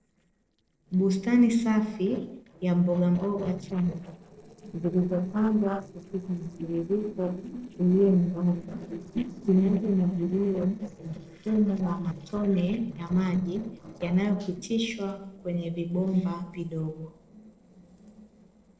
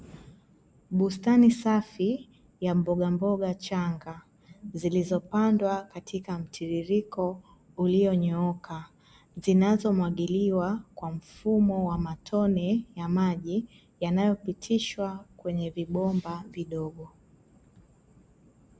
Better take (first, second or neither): second